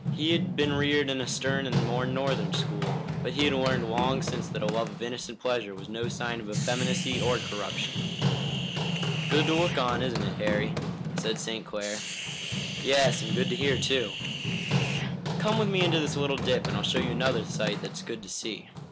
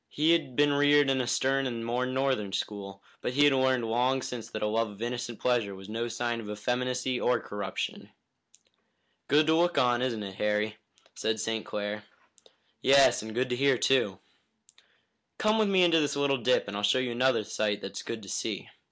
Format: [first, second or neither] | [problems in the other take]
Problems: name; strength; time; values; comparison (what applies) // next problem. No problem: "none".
second | background sound (Hiss + Run); 1 dB below the speech